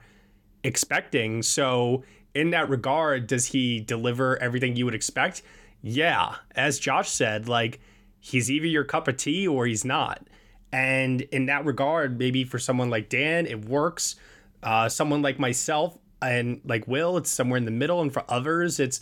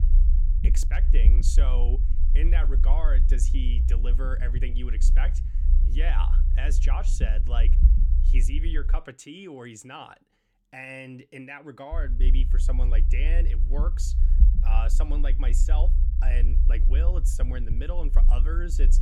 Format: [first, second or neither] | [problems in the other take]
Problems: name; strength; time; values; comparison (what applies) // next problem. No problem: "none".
first | low rumble; loud; until 9 s and from 12 s on; 8 dB below the speech